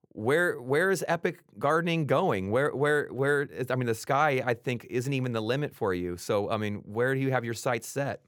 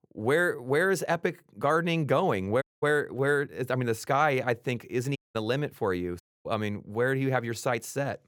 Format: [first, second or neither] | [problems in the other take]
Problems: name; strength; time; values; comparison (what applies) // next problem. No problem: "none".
first | audio cutting out; at 2.5 s, at 5 s and at 6 s